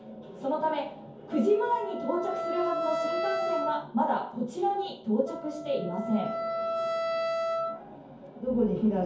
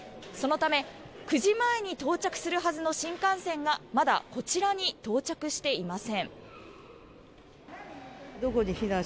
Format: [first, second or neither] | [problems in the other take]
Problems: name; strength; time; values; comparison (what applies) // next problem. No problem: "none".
second | background sound (Wind instrument, woodwind instrument); 4 dB below the speech // room echo; dies away in 0.6 s